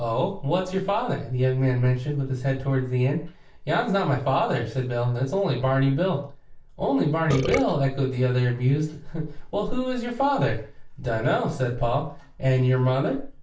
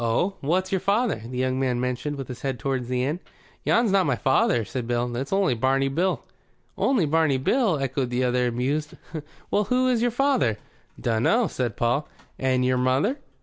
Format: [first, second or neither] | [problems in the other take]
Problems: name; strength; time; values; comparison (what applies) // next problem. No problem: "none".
second | background sound (Burping, eructation); 3 dB below the speech // room echo; dies away in 0.4 s